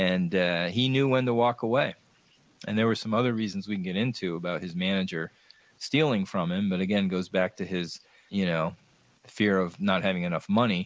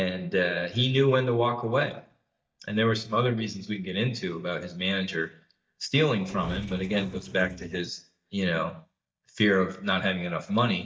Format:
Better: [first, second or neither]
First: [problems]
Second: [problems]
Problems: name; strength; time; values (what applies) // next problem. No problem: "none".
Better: first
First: none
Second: noise reduction (neural mask model DeepFilterNet 3)